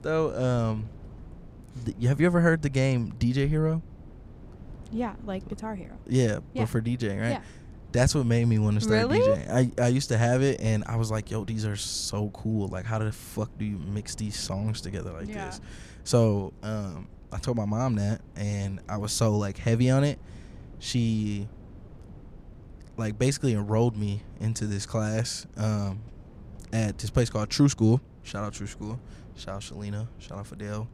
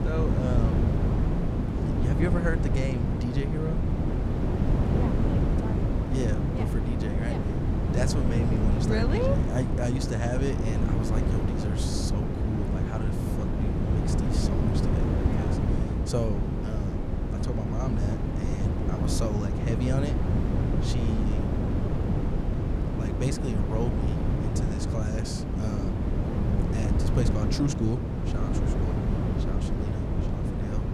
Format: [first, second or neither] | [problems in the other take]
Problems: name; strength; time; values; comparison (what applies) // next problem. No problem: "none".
first | wind noise on the microphone; heavy; 1 dB above the speech; occasional gusts in the first